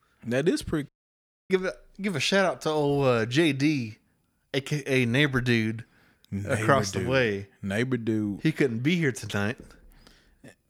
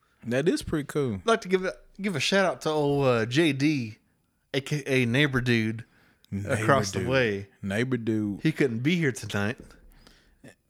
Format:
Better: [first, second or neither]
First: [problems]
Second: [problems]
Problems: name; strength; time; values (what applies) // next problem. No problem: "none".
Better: second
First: audio cutting out; at 1 s for 0.5 s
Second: none